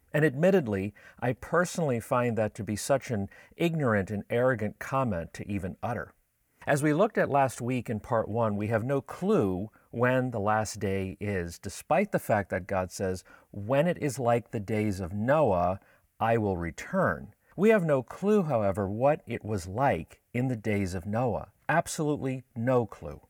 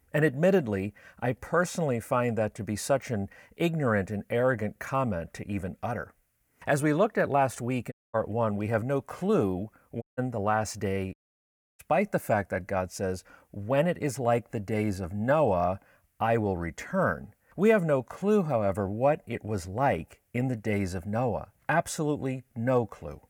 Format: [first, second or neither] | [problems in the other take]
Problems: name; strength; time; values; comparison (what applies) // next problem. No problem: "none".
first | audio cutting out; at 8 s, at 10 s and at 11 s for 0.5 s